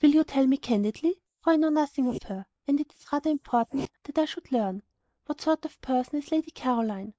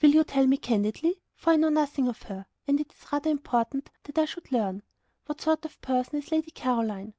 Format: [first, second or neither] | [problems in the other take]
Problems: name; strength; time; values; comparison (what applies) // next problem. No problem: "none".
second | noise reduction (neural mask model Resemble Enhance denoiser)